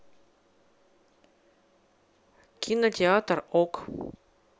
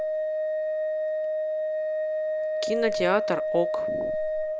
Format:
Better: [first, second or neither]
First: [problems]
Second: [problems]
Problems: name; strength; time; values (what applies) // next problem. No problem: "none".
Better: first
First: none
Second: background sound (Organ); 4 dB above the speech